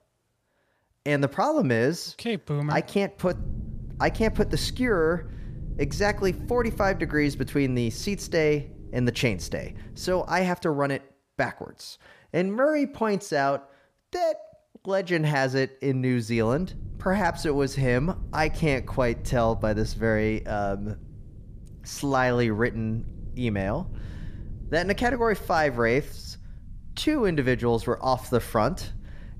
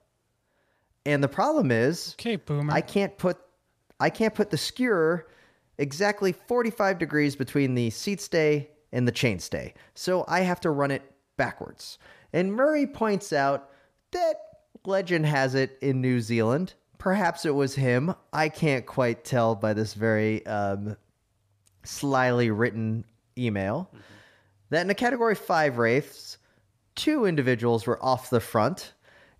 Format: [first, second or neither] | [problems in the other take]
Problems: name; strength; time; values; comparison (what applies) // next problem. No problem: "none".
second | low rumble; faint; from 3.5 to 10 s and from 16 s on; 25 dB below the speech